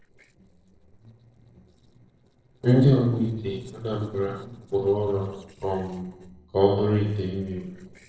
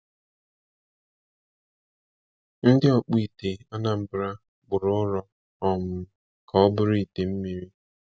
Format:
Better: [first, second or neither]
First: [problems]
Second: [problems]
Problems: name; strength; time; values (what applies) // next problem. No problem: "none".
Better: second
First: noise reduction (neural separator model SepFormer DNS4)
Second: none